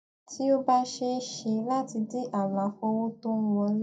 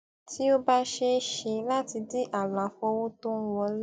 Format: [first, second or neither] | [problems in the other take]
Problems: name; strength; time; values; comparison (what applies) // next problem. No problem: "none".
second | room echo; dies away in 0.2 s